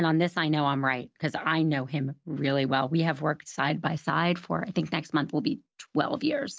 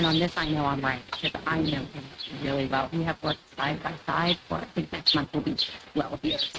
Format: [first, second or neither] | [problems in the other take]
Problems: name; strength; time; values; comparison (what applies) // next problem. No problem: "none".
first | noise reduction (neural mask model RNNoise)